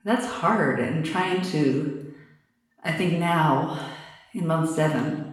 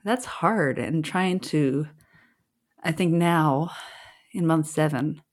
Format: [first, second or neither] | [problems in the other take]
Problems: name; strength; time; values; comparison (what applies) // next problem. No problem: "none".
second | room echo; noticeable; dies away in 0.9 s // off-mic speech; far